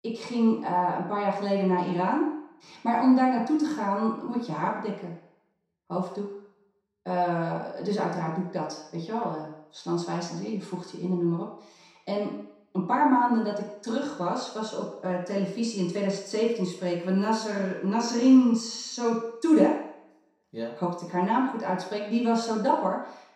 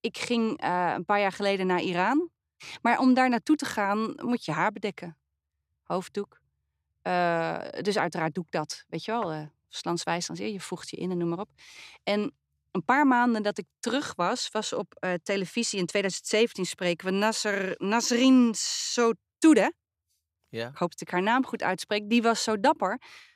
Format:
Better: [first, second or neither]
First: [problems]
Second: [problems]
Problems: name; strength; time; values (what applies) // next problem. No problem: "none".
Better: second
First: room echo; noticeable; dies away in 0.7 s // off-mic speech; far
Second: none